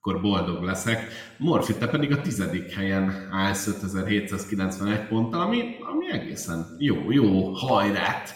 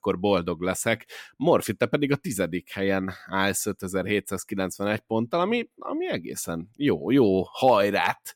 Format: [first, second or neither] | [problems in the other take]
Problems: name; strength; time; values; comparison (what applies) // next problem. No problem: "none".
second | room echo; slight; dies away in 0.8 s // off-mic speech; somewhat distant